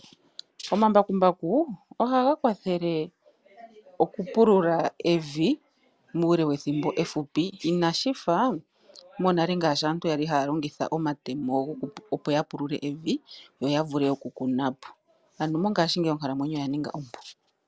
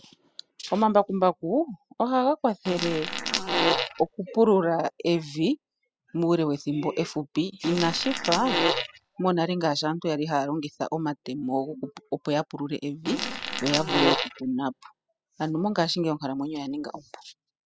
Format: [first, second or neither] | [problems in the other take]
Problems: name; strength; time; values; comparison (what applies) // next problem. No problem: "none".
first | noise reduction (classical method spectral subtraction)